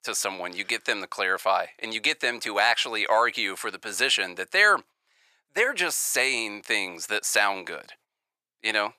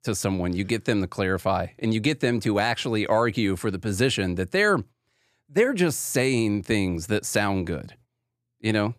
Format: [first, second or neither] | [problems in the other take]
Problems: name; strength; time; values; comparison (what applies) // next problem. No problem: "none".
second | thin; very; fading below 850 Hz